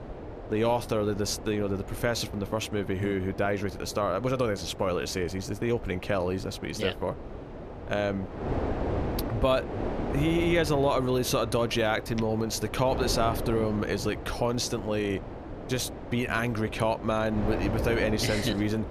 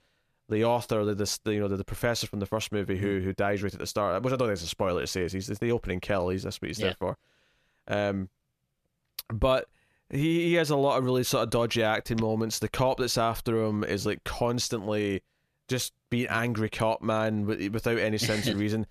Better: second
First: wind noise on the microphone; heavy; 10 dB below the speech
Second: none

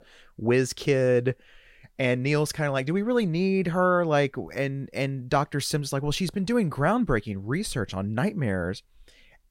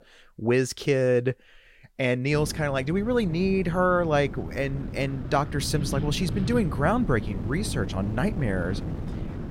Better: first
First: none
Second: wind noise on the microphone; occasional gusts; from 2.5 s on; 15 dB below the speech

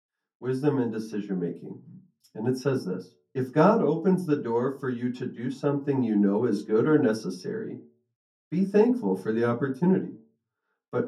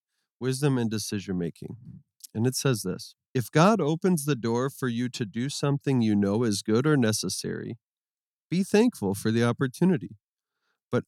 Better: second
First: room echo; slight; dies away in 0.4 s // off-mic speech; far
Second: none

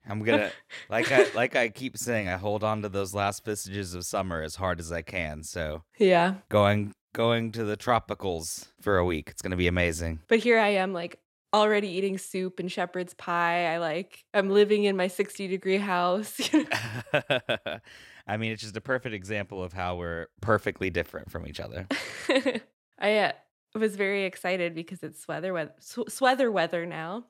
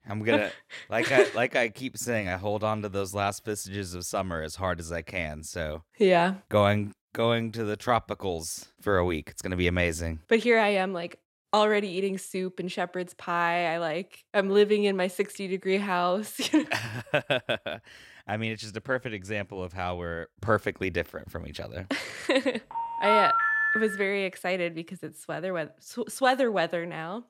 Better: first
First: none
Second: phone ringing; loud; from 23 to 24 s; peak 5 dB above the speech

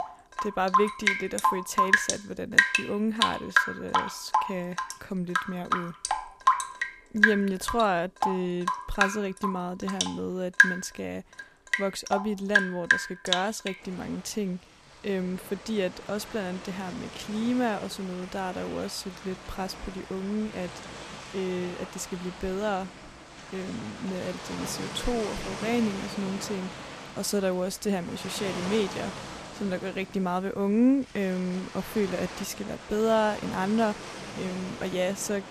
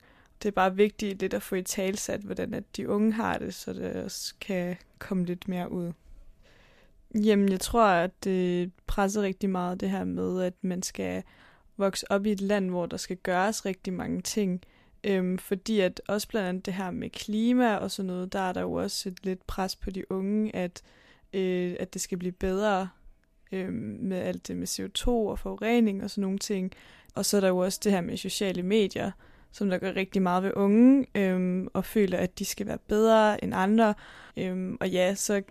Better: second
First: rain or running water; very loud; throughout; 2 dB above the speech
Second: none

